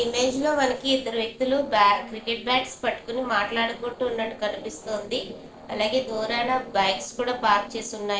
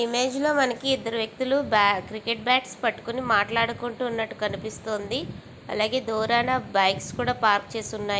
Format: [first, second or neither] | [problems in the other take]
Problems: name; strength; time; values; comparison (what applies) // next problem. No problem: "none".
second | noise reduction (neural separator model SepFormer DNS4)